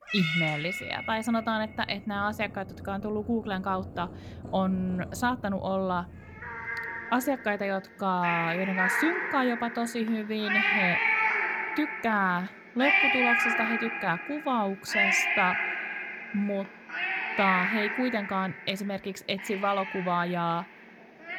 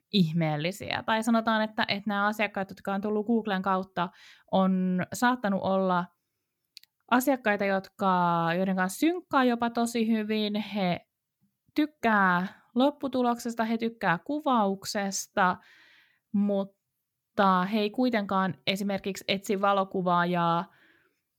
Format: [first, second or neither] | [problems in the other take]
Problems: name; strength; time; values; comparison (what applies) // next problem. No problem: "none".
second | animal sounds; very loud; throughout; 2 dB above the speech